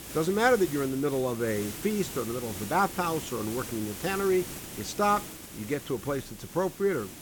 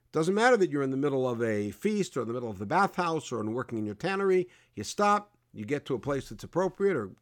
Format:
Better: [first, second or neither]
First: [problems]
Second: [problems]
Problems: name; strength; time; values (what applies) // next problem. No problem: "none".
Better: second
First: hiss; noticeable; throughout; 10 dB below the speech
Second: none